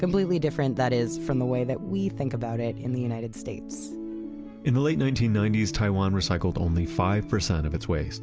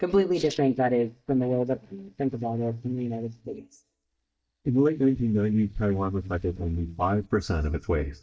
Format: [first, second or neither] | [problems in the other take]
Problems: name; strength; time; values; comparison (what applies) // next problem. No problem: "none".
first | noise reduction (neural mask model DeepFilterNet 3)